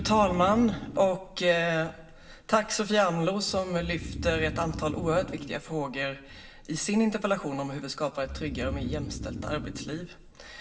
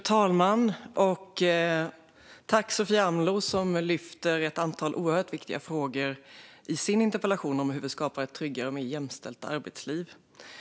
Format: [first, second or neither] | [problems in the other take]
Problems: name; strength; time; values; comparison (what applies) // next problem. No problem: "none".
second | background sound (Breathing); 11 dB below the speech // room echo; dies away in 0.7 s